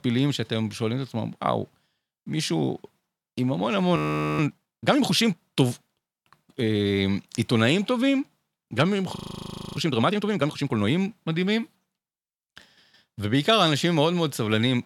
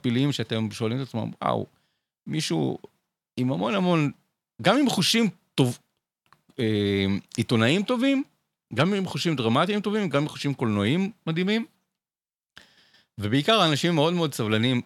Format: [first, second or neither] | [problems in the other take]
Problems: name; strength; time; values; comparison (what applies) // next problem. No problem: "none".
second | audio freezing; at 4 s and at 9 s for 0.5 s